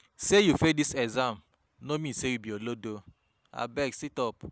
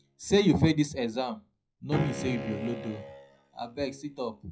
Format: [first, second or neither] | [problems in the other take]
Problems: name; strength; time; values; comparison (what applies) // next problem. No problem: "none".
first | noise reduction (classical method WPE with log-MMSE)